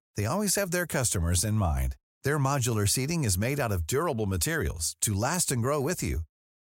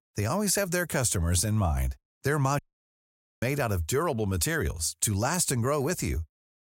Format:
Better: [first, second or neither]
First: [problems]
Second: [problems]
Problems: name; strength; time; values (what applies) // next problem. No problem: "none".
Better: first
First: none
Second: audio cutting out; at 2.5 s for 1 s